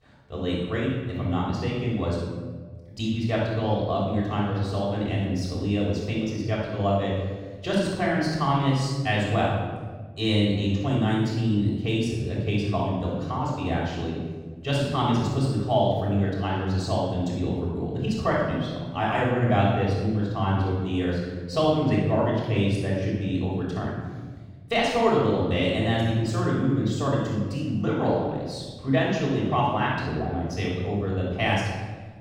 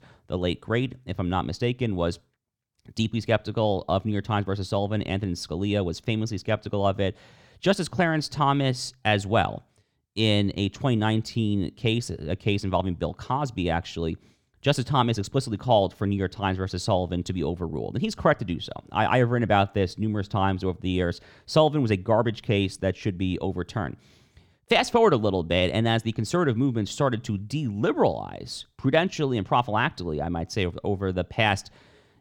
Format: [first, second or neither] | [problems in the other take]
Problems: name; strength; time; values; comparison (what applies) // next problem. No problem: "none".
second | room echo; strong; dies away in 1.4 s // off-mic speech; far